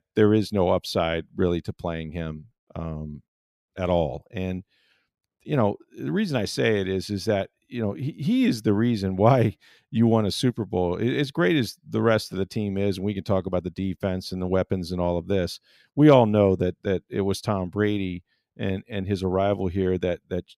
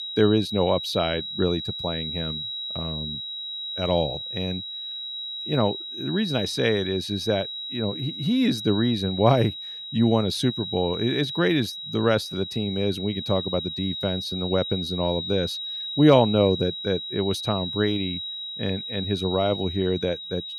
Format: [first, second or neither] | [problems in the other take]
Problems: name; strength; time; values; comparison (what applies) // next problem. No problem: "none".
first | high-pitched whine; loud; throughout; 4 kHz, 6 dB below the speech